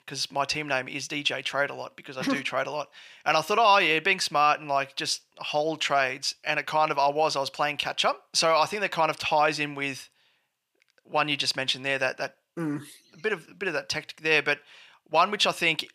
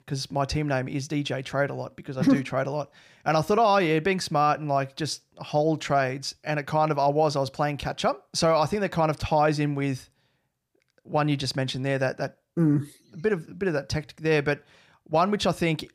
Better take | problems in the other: second | thin; somewhat; fading below 950 Hz

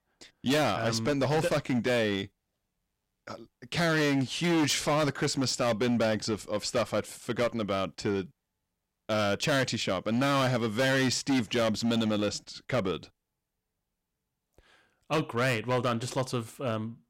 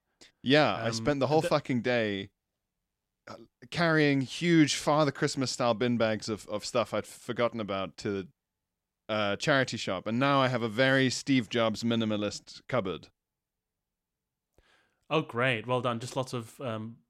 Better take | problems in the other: second | distortion; heavy; 11% of the sound clipped

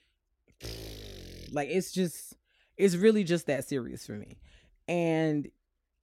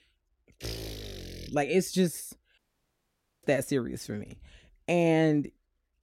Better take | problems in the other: first | audio cutting out; at 2.5 s for 1 s

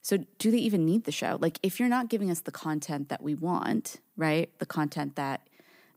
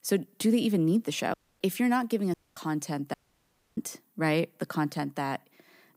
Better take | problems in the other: first | audio cutting out; at 1.5 s, at 2.5 s and at 3 s for 0.5 s

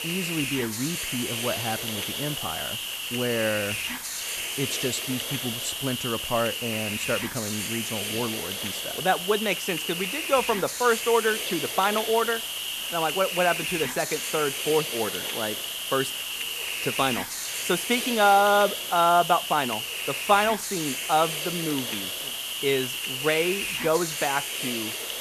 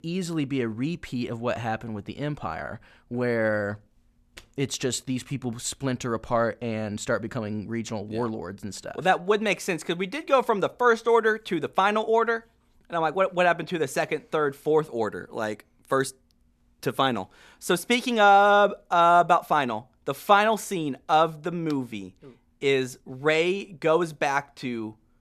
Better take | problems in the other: second | hiss; loud; throughout; 2 dB below the speech

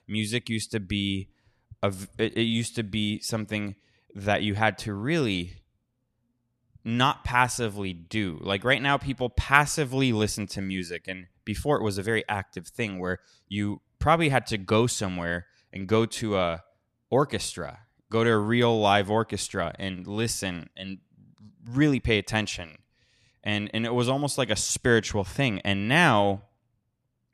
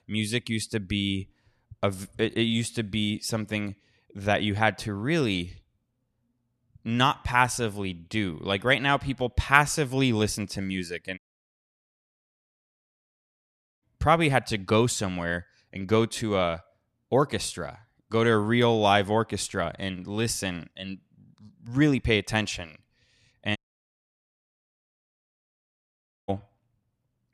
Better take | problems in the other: first | audio cutting out; at 11 s for 2.5 s and at 24 s for 2.5 s

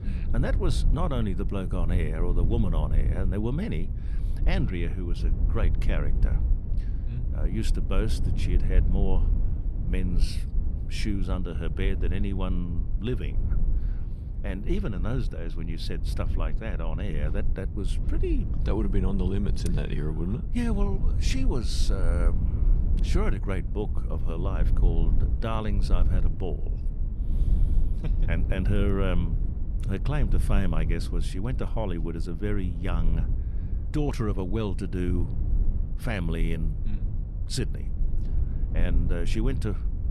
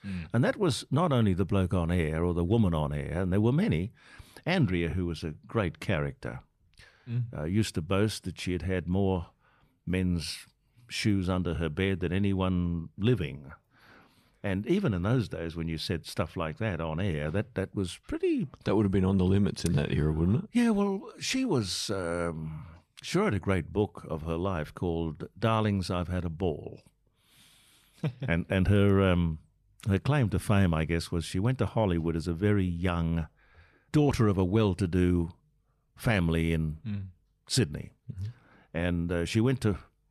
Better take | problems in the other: second | low rumble; loud; throughout; 10 dB below the speech

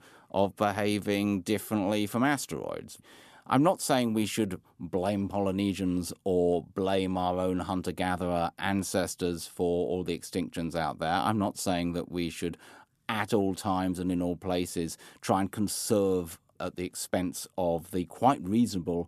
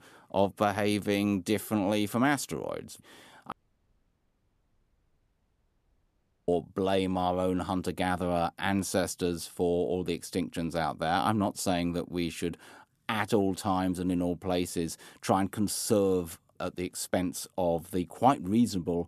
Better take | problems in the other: first | audio cutting out; at 3.5 s for 3 s

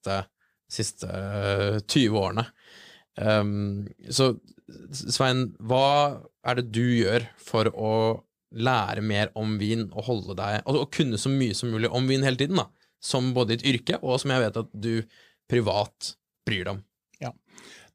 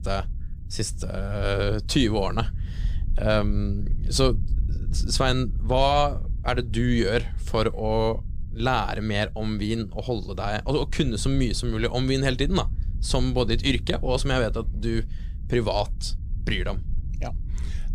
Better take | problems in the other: first | low rumble; faint; throughout; 25 dB below the speech

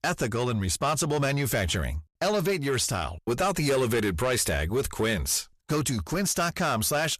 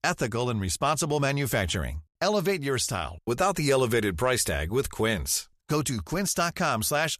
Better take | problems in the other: second | distortion; slight; 10 dB below the speech

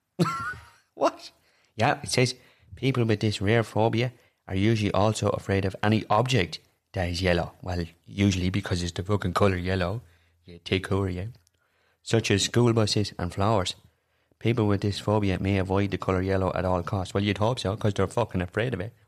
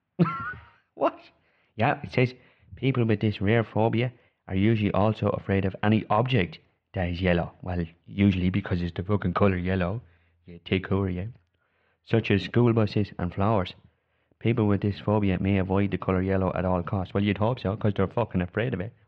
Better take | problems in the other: first | muffled; very; fading above 3 kHz

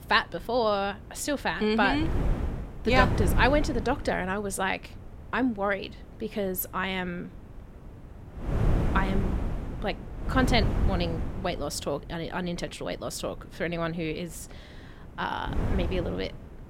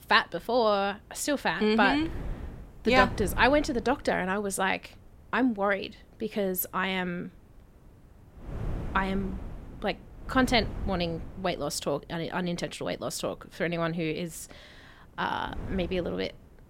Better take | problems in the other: second | wind noise on the microphone; heavy; 10 dB below the speech; occasional gusts in the second

